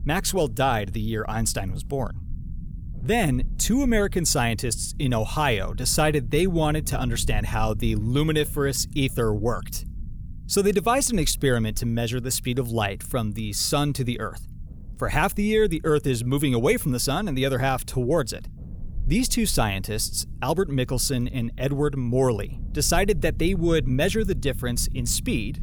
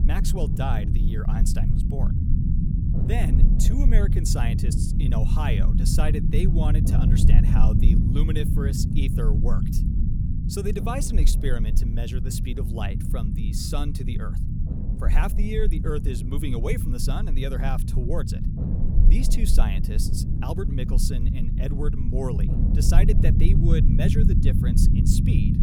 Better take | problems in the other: first | low rumble; loud; throughout; 2 dB below the speech; faint in the first

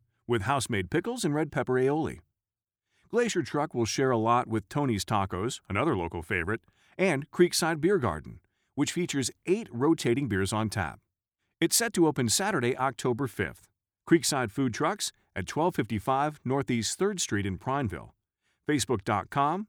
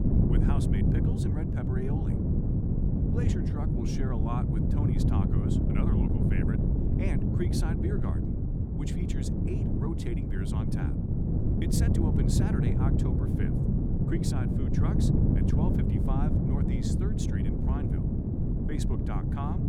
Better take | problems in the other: first | wind noise on the microphone; heavy; 5 dB above the speech

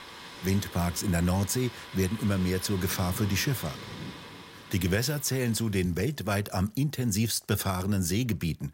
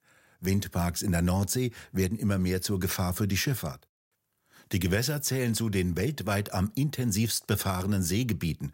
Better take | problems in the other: second | rain or running water; noticeable; throughout; 15 dB below the speech

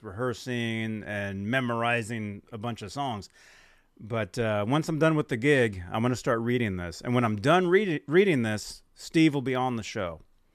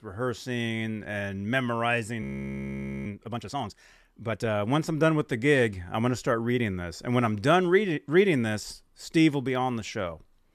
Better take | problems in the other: first | audio freezing; at 2 s for 1 s

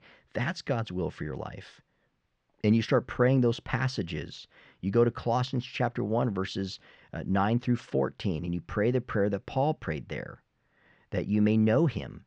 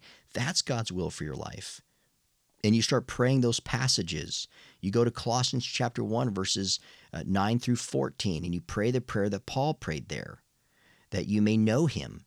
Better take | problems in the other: second | muffled; very; fading above 2 kHz

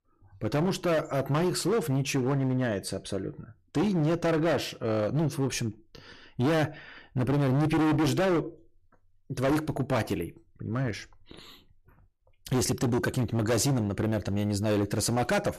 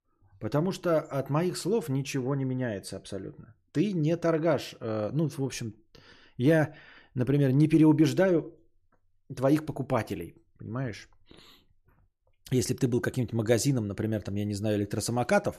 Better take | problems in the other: second | distortion; heavy; 16% of the sound clipped

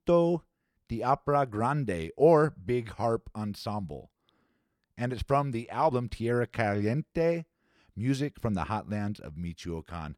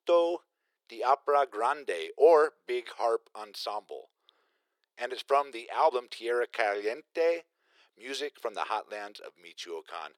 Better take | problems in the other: first | thin; very; fading below 400 Hz

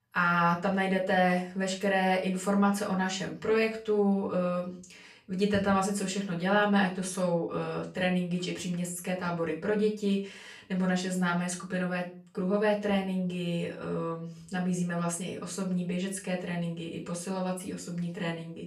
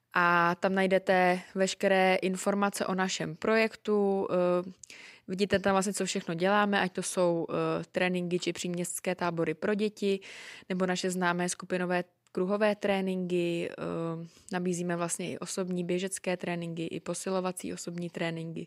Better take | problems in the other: second | off-mic speech; far // room echo; slight; dies away in 0.3 s

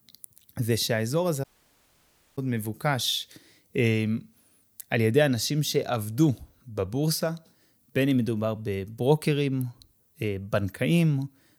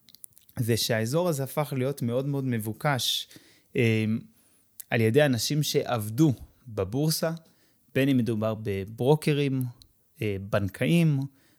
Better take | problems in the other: second | audio cutting out; at 1.5 s for 1 s

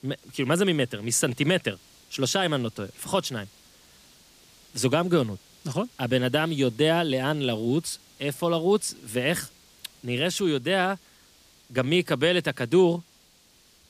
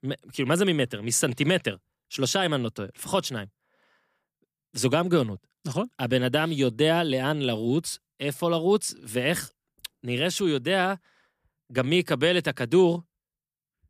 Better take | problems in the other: second | hiss; faint; throughout; 30 dB below the speech

